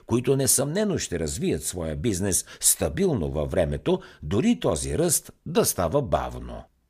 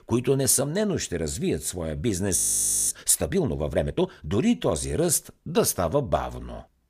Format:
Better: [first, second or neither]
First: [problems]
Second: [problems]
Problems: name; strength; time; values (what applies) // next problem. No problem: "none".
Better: first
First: none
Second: audio freezing; at 2.5 s for 0.5 s